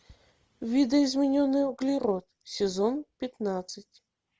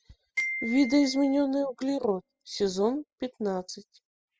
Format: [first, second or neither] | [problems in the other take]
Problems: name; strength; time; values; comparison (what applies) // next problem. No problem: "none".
first | noise reduction (classical method spectral subtraction)